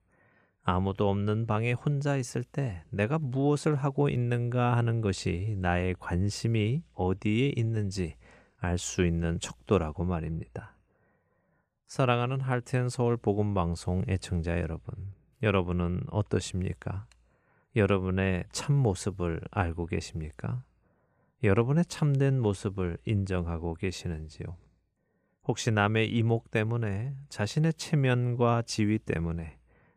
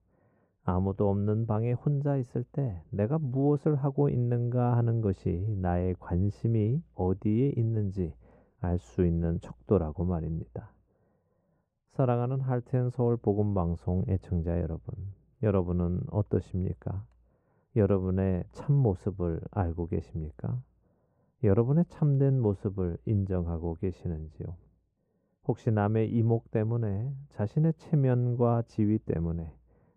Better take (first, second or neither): first